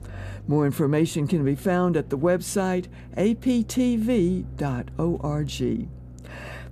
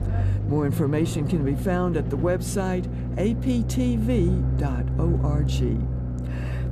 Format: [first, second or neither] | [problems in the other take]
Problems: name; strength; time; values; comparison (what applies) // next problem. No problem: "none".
first | low rumble; loud; throughout; 8 dB below the speech; faint in the first